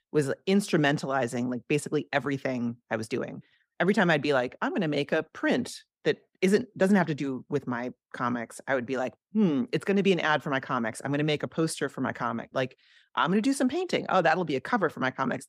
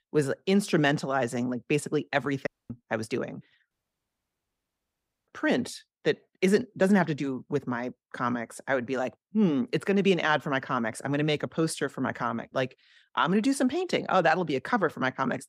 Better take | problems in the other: first | audio cutting out; at 2.5 s and at 3.5 s for 1.5 s

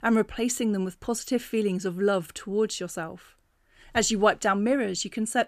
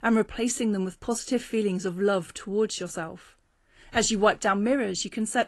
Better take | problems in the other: first | garbled, watery; slightly; nothing above 11.5 kHz

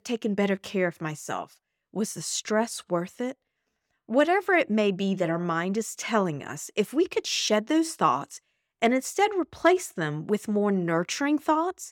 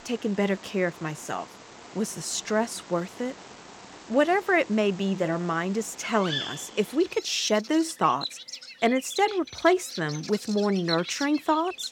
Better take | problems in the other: first | animal sounds; noticeable; throughout; 10 dB below the speech

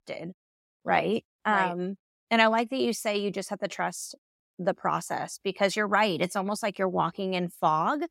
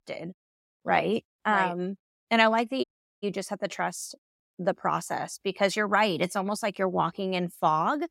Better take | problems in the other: first | audio cutting out; at 3 s

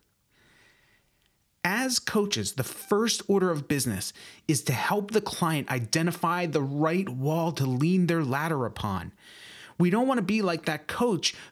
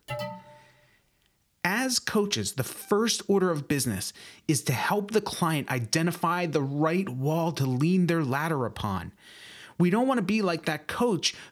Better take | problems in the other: first | alarm; noticeable; at the start; peak 9 dB below the speech

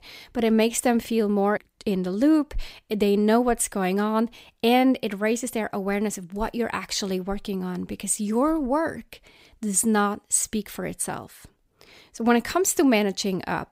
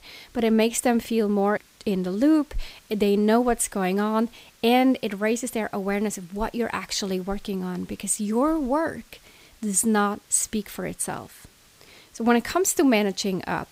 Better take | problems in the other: first | hiss; faint; throughout; 30 dB below the speech

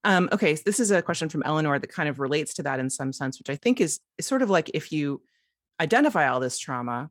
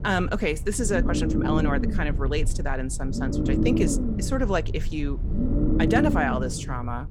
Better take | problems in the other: first | low rumble; loud; throughout; 3 dB below the speech

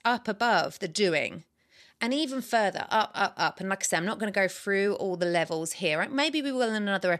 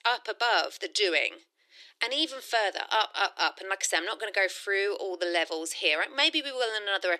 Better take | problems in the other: first | thin; very; fading below 300 Hz

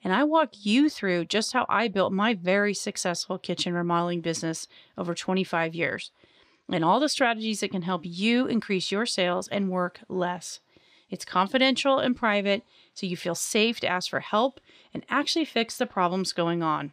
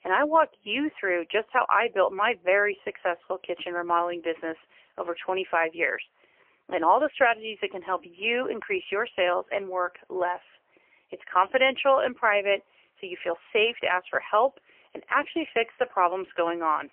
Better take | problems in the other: first | phone-call audio; poor line; nothing above 3 kHz

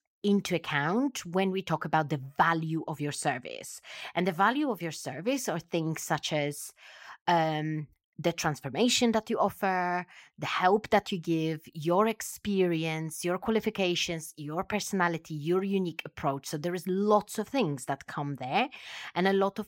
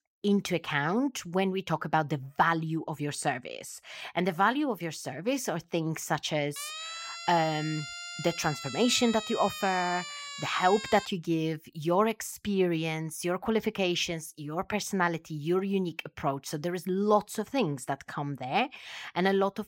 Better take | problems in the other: first | siren; noticeable; from 6.5 to 11 s; peak 7 dB below the speech

